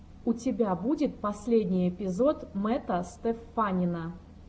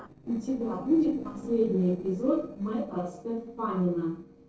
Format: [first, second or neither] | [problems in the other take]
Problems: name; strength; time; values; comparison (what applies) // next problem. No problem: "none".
first | noise reduction (neural separator model SepFormer DNS4)